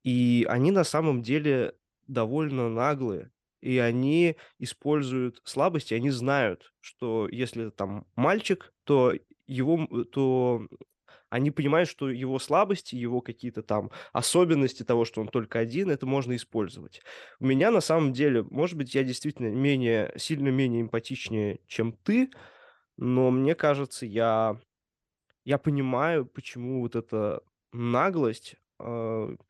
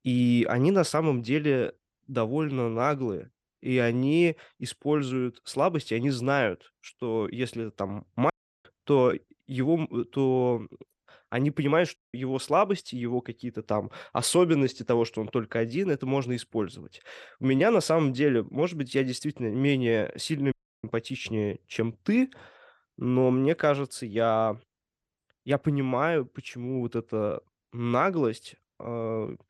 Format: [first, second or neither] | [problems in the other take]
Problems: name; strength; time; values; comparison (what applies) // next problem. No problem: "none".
first | audio cutting out; at 8.5 s, at 12 s and at 21 s